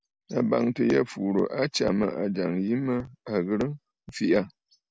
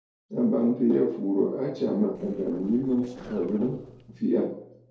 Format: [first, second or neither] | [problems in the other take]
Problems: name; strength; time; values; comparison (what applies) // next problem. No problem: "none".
first | noise reduction (neural separator model SepFormer DNS4)